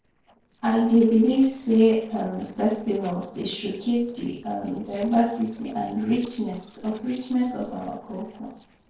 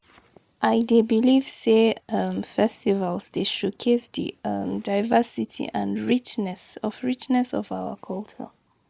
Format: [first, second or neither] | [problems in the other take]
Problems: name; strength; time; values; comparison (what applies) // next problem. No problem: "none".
second | noise reduction (neural separator model SepFormer DNS4)